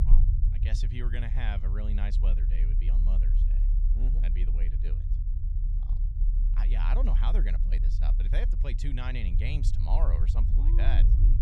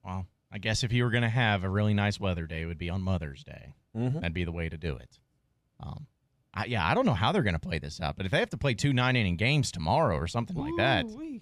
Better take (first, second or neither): second